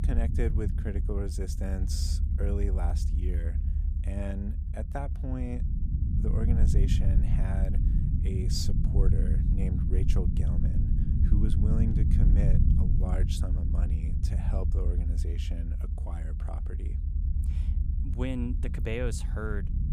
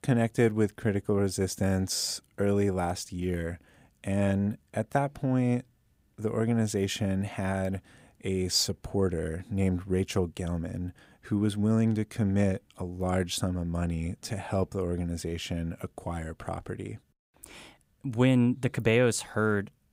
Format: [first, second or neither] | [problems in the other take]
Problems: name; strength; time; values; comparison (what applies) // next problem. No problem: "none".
second | low rumble; loud; throughout; 3 dB below the speech